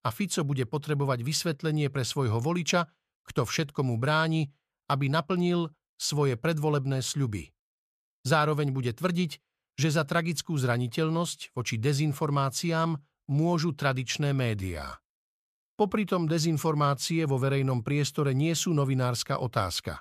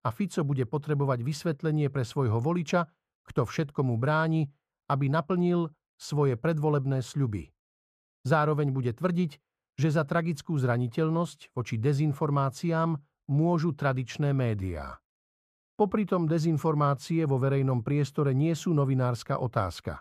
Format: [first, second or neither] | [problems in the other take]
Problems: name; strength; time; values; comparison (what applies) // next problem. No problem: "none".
first | muffled; slightly; fading above 2 kHz